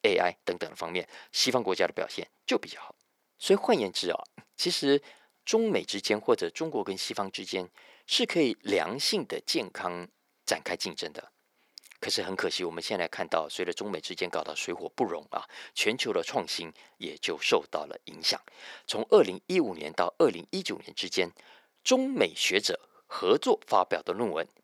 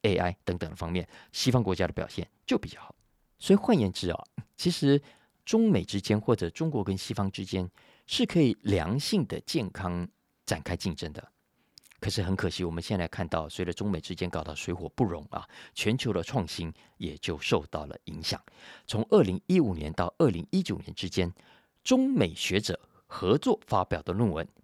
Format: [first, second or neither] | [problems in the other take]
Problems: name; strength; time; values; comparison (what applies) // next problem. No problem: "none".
second | thin; somewhat; fading below 450 Hz